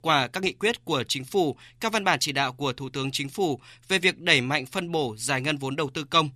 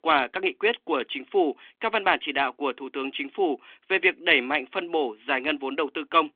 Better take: first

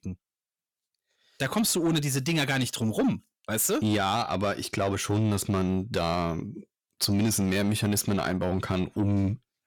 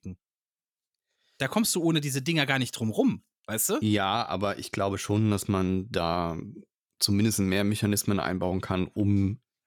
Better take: second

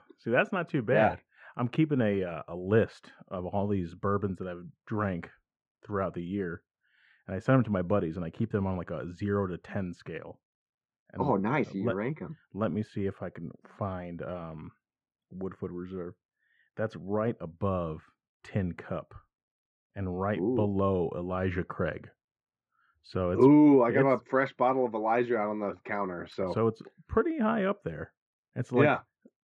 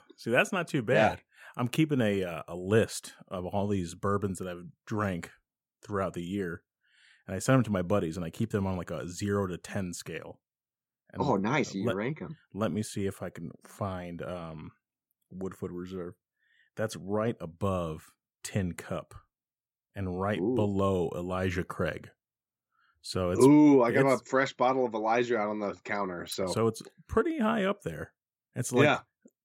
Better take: second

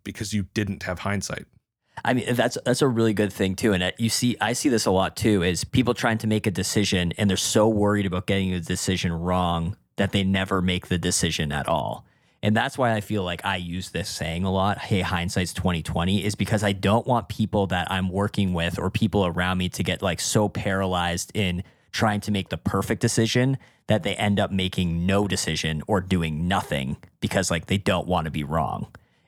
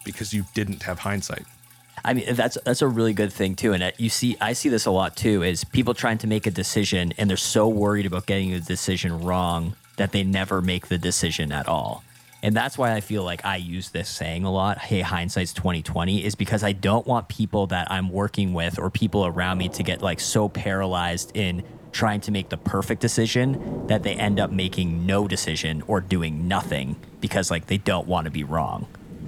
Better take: first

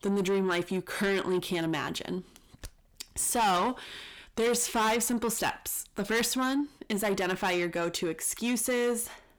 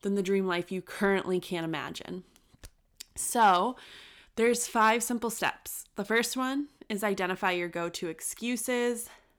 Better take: second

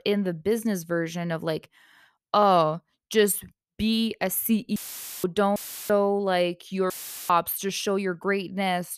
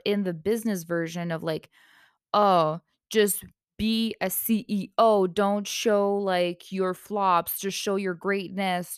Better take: second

